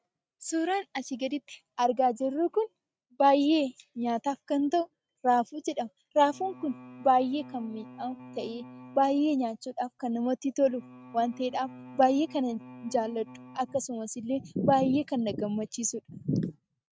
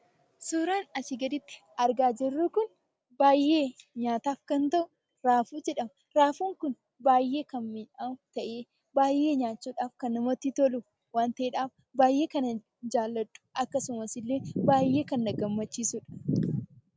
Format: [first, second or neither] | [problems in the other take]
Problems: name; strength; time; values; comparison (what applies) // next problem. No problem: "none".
second | noise reduction (neural mask model RNNoise)